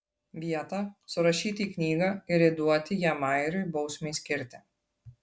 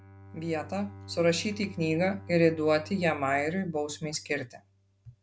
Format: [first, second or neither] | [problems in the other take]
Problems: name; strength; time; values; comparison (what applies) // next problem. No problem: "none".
first | background sound (Bowed string instrument); 18 dB below the speech